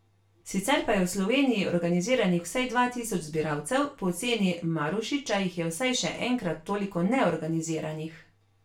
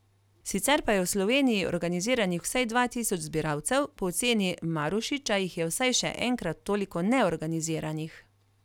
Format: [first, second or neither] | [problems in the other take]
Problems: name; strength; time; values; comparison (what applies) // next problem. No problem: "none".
second | room echo; dies away in 0.3 s